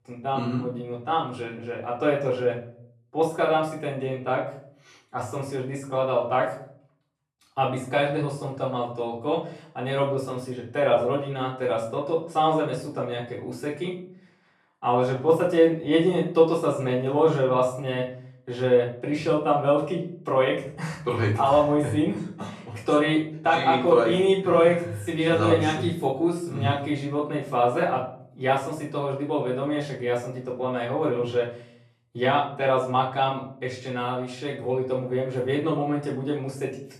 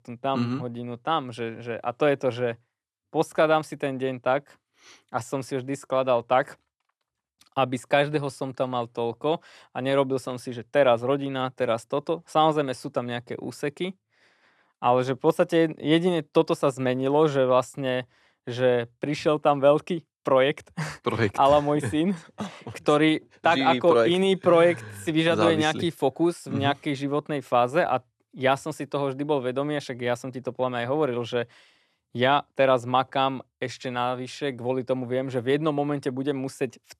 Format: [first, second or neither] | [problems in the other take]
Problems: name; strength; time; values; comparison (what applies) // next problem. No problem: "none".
second | off-mic speech; far // room echo; slight; dies away in 0.5 s